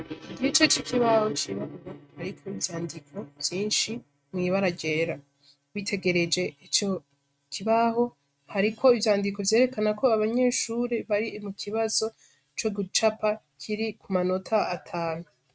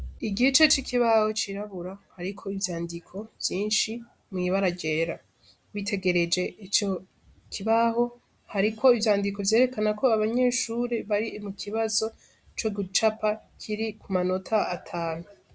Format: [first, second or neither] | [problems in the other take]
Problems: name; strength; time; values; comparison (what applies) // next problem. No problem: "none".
second | noise reduction (neural mask model RNNoise)